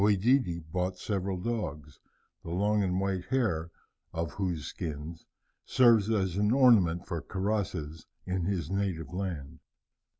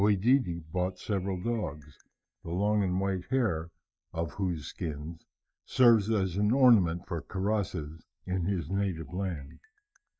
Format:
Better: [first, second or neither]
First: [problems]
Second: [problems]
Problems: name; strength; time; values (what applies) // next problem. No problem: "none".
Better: first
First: none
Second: noise reduction (neural mask model DeepFilterNet 3)